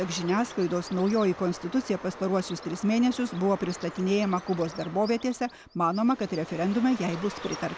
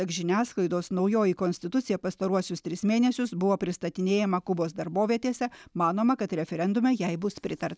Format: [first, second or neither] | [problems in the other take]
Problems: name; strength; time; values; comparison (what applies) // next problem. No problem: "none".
second | background sound (Bird); 15 dB below the speech